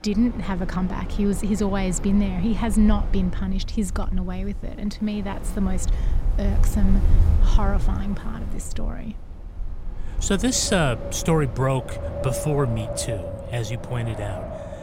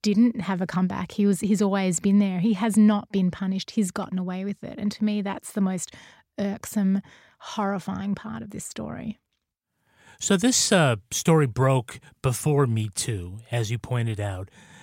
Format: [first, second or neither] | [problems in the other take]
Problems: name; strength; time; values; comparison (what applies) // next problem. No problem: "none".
second | wind in the background; loud; throughout; 4 dB below the speech